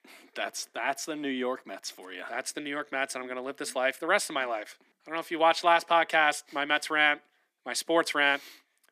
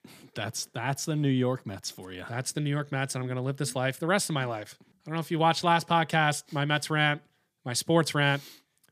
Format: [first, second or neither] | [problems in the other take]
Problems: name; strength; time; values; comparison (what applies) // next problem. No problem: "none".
second | thin; somewhat; fading below 250 Hz